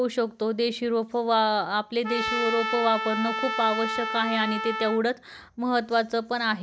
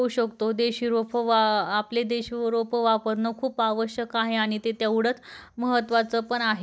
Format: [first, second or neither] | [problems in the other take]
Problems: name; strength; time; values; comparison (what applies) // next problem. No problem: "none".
second | background sound (Trumpet); 4 dB below the speech